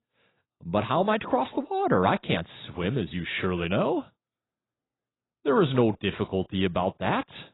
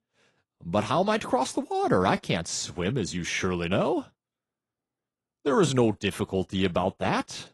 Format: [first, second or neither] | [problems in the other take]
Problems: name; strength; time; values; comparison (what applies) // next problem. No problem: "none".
second | garbled, watery; badly; nothing above 4 kHz; slightly in the second